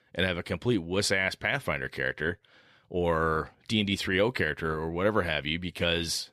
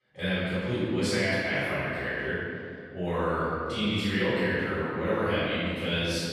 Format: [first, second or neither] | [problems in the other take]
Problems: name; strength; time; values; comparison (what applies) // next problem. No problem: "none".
first | off-mic speech; far // room echo; strong; dies away in 2.2 s